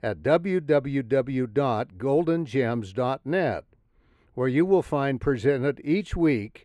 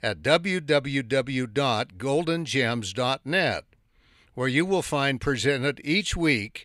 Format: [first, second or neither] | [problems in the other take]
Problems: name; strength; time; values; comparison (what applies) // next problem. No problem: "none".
second | muffled; very; fading above 2 kHz